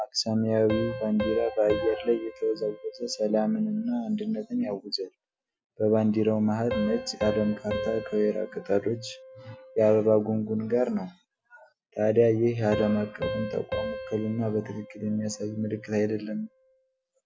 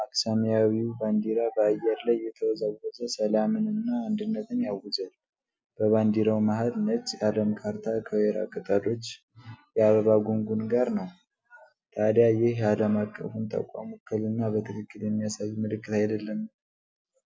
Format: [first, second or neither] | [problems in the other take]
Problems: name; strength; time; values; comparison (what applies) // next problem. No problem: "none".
second | background sound (Piano); 11 dB below the speech